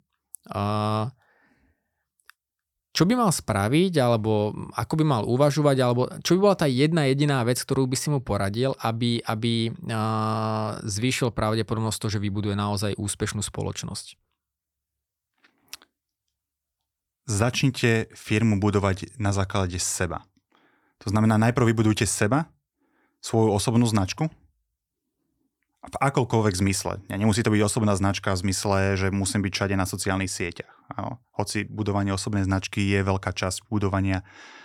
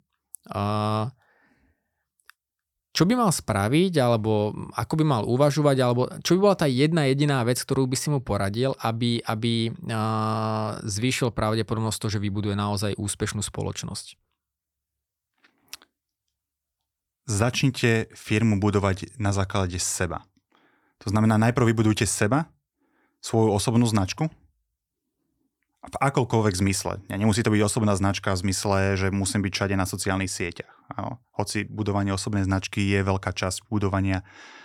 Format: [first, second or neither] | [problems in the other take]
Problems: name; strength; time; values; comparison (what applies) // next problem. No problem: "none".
neither | none